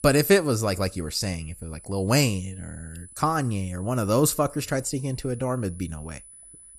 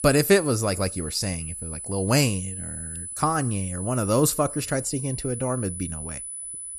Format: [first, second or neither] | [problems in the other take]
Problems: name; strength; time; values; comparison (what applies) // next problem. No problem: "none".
first | high-pitched whine; loud; throughout; 10 kHz, 8 dB below the speech; faint in the first